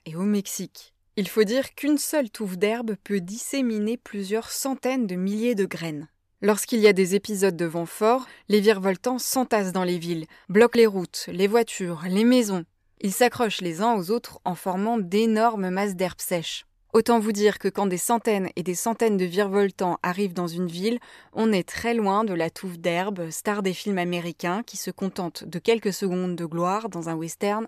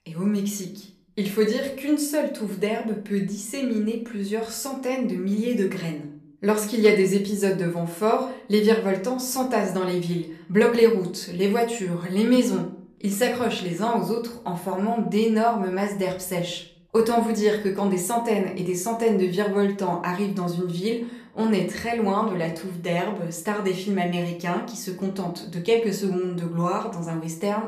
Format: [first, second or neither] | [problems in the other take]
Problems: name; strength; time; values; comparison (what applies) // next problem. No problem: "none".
first | room echo; slight; dies away in 0.4 s // off-mic speech; somewhat distant